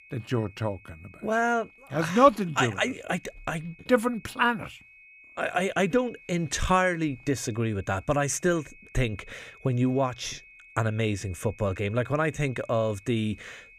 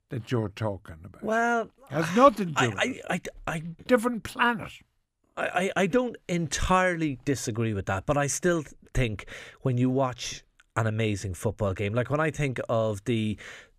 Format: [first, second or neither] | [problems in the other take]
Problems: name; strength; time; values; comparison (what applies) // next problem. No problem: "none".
second | high-pitched whine; faint; throughout; 2.5 kHz, 25 dB below the speech